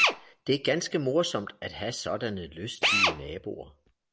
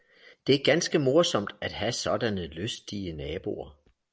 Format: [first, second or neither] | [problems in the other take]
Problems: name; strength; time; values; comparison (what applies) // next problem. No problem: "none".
second | background sound (Drill); as loud as the speech